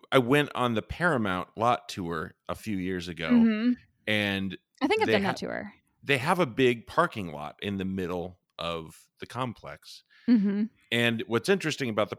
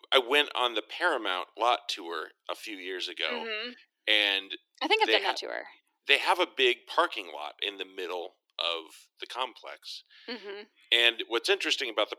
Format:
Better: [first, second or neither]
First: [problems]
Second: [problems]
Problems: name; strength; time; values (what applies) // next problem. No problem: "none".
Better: first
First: none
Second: thin; very; fading below 300 Hz